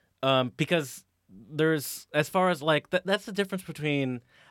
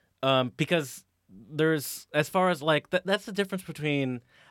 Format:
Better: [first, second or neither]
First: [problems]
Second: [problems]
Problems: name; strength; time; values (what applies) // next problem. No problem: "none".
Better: neither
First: none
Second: none